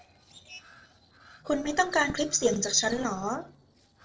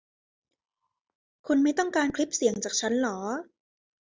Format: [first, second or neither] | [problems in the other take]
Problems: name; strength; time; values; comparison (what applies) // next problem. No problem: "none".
second | noise reduction (neural separator model SepFormer DNS4)